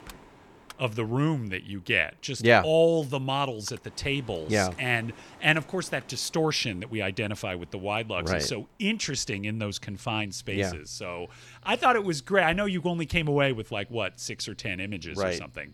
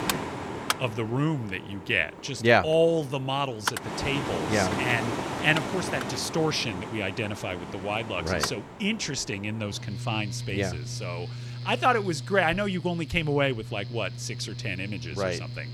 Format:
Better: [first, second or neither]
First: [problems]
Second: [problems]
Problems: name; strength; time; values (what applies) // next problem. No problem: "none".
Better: first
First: machinery noise; faint; throughout; 25 dB below the speech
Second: machinery noise; loud; throughout; 7 dB below the speech